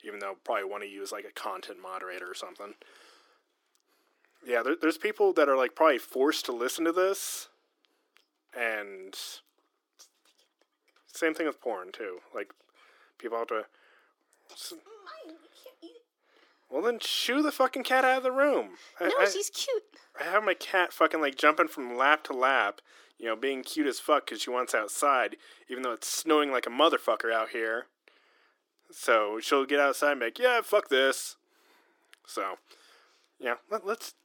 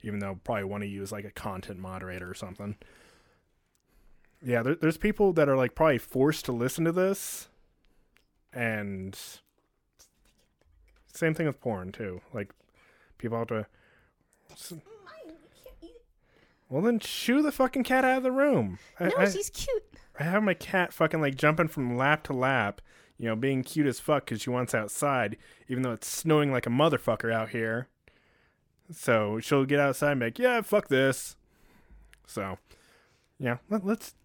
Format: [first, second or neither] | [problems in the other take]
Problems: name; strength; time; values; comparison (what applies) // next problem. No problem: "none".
second | thin; somewhat; fading below 300 Hz